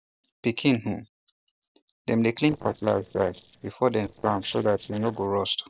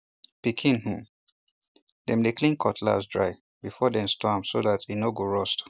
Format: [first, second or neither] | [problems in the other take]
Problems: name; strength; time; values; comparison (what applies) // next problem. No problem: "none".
second | noise reduction (neural separator model SepFormer DNS4)